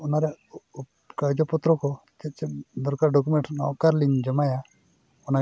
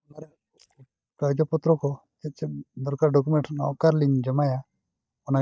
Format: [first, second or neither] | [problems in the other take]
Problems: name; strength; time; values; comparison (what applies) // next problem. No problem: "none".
first | noise reduction (neural mask model DeepFilterNet 3)